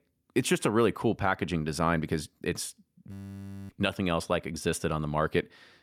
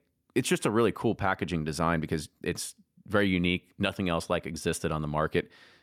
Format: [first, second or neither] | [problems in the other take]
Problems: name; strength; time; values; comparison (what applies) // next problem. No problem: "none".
second | audio freezing; at 3 s for 0.5 s